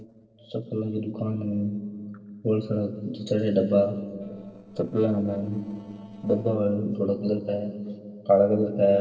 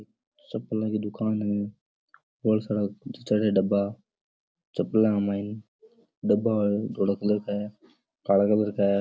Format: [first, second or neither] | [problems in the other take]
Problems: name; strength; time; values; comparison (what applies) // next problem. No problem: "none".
second | noise reduction (neural separator model SepFormer DNS4)